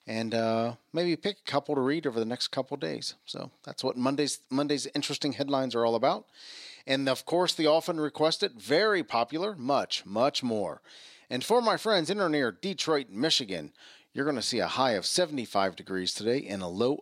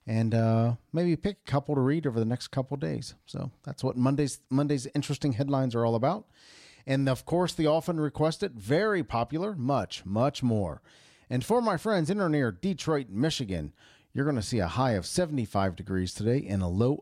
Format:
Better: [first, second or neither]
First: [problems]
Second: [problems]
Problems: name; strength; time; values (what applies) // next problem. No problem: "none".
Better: second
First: thin; very slightly; fading below 300 Hz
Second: none